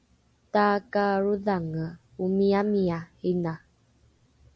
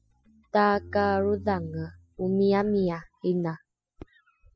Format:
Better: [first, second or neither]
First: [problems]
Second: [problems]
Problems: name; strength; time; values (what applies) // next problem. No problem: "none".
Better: first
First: none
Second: noise reduction (classical method spectral subtraction)